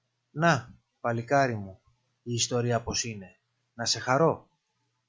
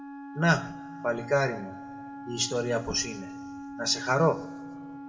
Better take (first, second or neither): first